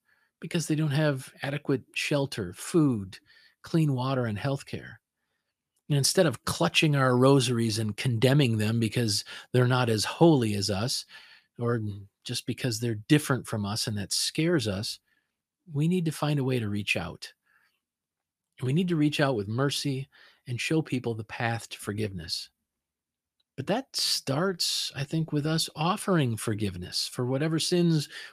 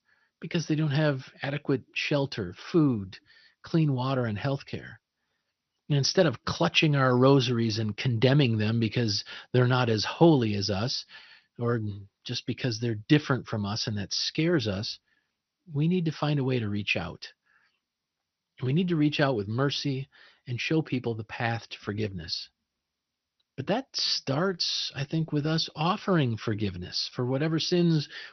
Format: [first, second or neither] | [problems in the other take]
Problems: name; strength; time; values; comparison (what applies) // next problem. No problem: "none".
first | garbled, watery; slightly; nothing above 6 kHz